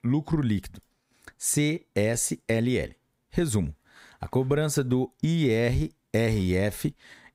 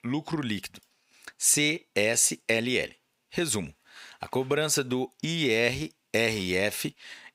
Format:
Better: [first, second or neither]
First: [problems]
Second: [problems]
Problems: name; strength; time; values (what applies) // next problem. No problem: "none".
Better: first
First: none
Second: thin; somewhat; fading below 1 kHz